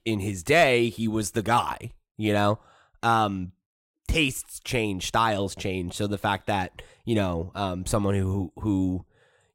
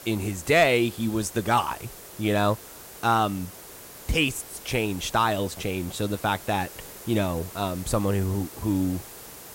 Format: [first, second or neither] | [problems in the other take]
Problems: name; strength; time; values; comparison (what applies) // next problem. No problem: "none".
first | hiss; noticeable; throughout; 15 dB below the speech